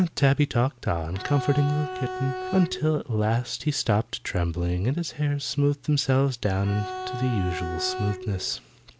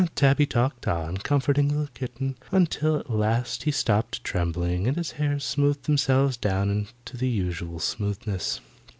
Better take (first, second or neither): second